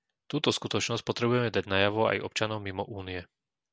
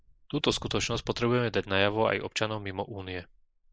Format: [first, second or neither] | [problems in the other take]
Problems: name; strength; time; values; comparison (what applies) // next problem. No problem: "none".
first | noise reduction (neural mask model Resemble Enhance denoiser)